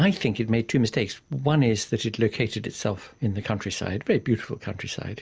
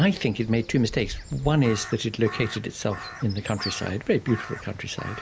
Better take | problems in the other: first | background sound (Crow); 13 dB below the speech

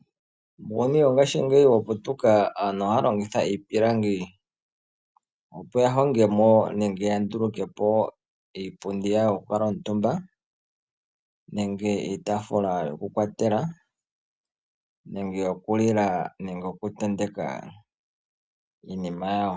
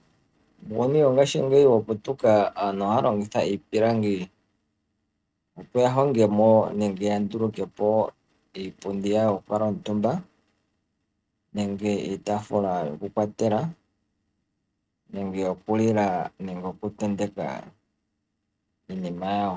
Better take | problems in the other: first | noise reduction (neural mask model RNNoise)

